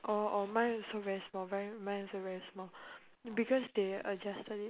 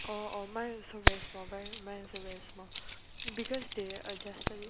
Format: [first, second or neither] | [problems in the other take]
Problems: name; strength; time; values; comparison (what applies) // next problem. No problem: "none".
first | background sound (Keys jangling); 5 dB above the speech